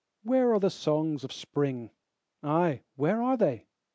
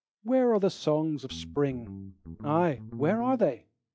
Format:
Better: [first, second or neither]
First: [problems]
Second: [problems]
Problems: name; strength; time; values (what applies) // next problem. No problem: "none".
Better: first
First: none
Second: noise reduction (classical method log-MMSE)